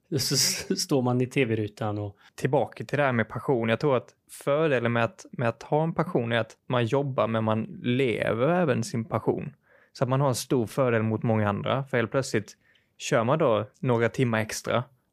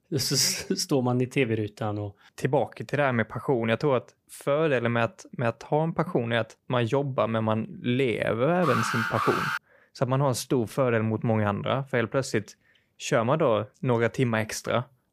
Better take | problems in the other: first | alarm; noticeable; at 8.5 s; peak 1 dB below the speech

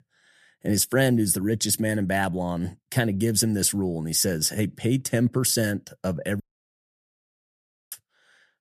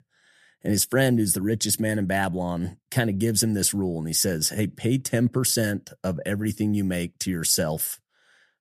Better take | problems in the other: second | audio cutting out; at 6.5 s for 1.5 s

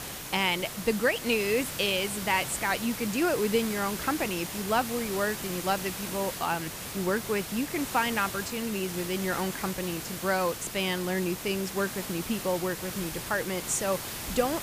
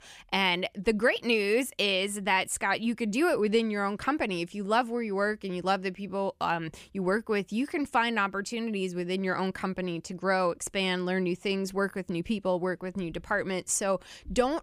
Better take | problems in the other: second | hiss; loud; throughout; 6 dB below the speech

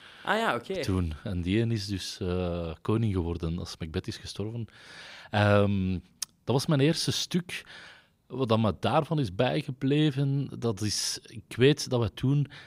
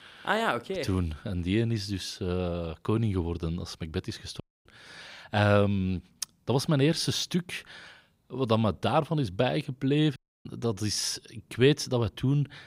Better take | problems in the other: first | audio cutting out; at 4.5 s and at 10 s

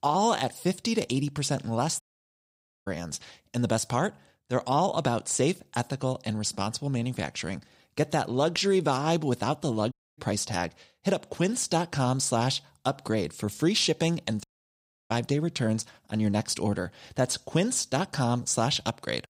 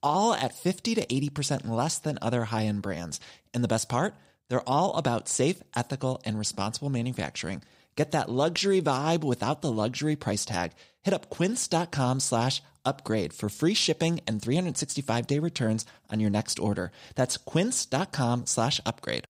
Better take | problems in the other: second | audio cutting out; at 2 s for 1 s, at 10 s and at 14 s for 0.5 s

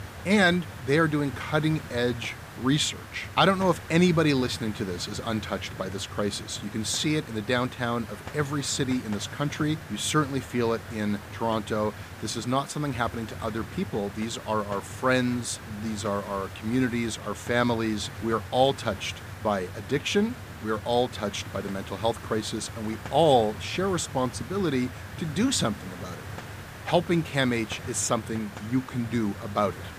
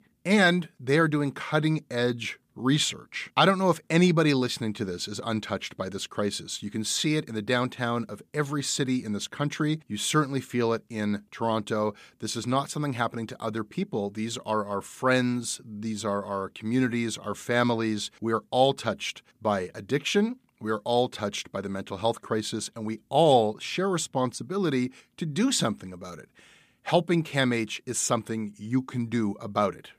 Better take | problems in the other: second | hiss; noticeable; throughout; 15 dB below the speech

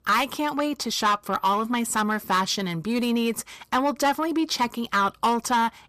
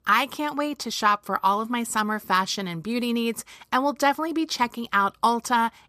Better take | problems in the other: second | distortion; slight; 10 dB below the speech

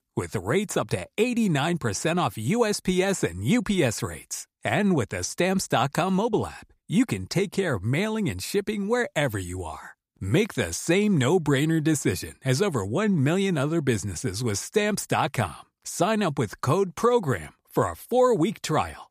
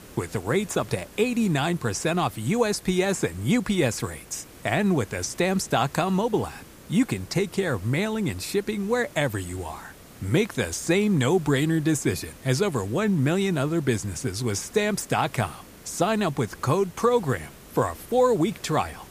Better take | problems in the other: first | hiss; faint; throughout; 20 dB below the speech

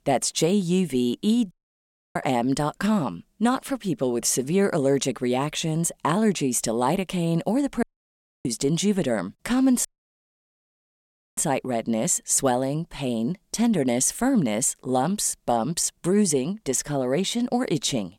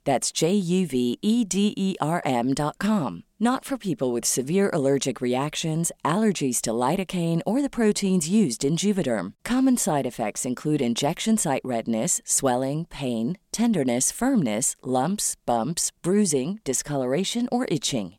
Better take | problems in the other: second | audio cutting out; at 1.5 s for 0.5 s, at 8 s for 0.5 s and at 10 s for 1.5 s

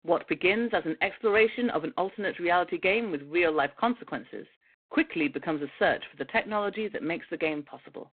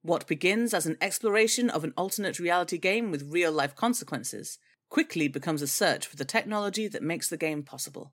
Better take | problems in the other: second | phone-call audio; poor line; nothing above 3.5 kHz

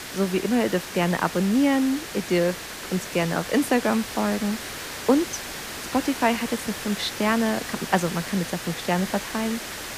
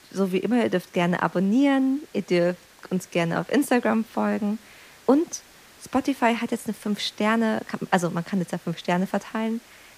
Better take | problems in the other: second | hiss; loud; throughout; 8 dB below the speech; faint in the second

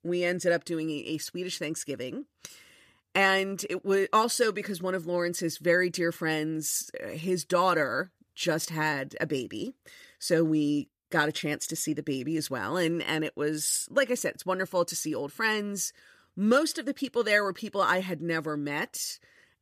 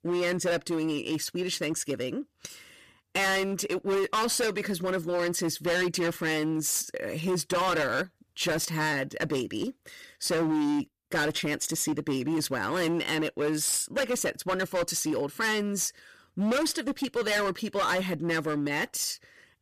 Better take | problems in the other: first | distortion; heavy; 16% of the sound clipped

